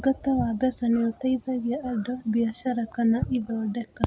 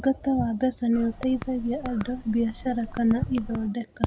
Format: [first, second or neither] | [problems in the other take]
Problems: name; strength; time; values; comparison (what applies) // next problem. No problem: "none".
first | background sound (Typing); 13 dB below the speech